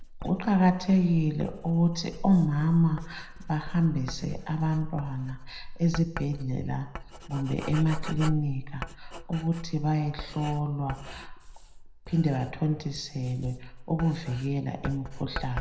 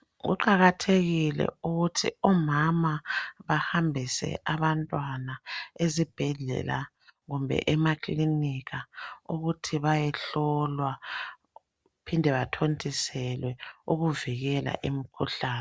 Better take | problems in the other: second | background sound (Writing); 10 dB below the speech // room echo; dies away in 0.7 s

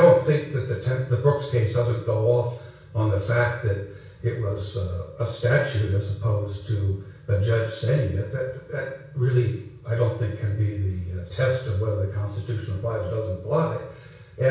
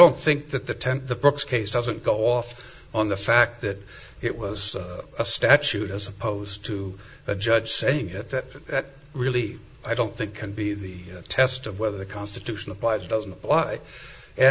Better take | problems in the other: second | room echo; dies away in 0.6 s

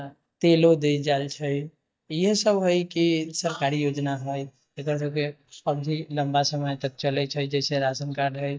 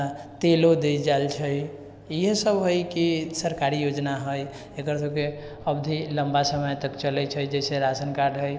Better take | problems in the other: second | noise reduction (neural mask model DeepFilterNet 3)

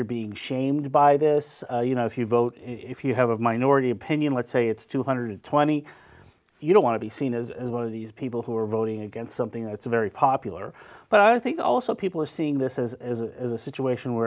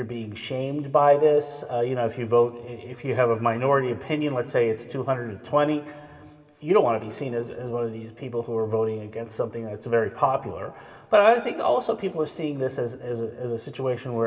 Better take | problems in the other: first | room echo; dies away in 1.7 s

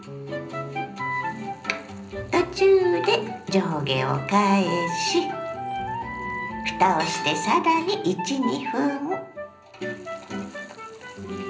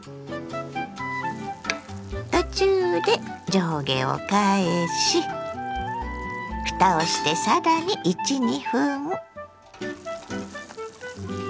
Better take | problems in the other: second | room echo; dies away in 0.5 s

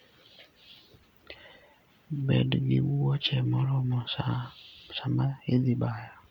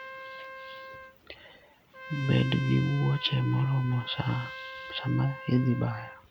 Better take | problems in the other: first | background sound (Trumpet); 13 dB below the speech

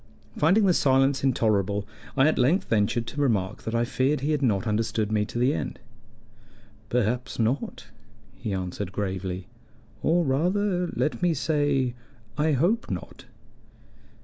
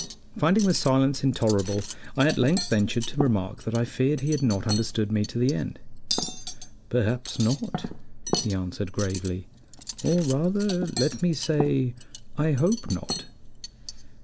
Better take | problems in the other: first | background sound (Cutlery, silverware); 11 dB below the speech

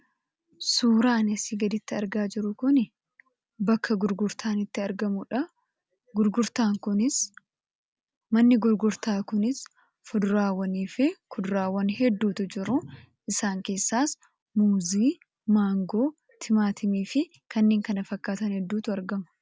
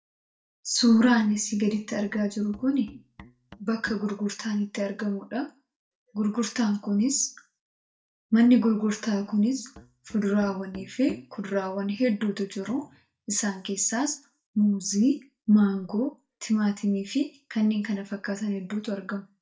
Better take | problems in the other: first | noise reduction (neural mask model DeepFilterNet 3)

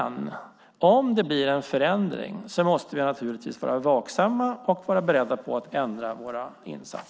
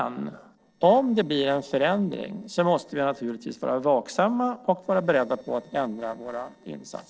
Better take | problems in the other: first | noise reduction (neural separator model SepFormer DNS4)

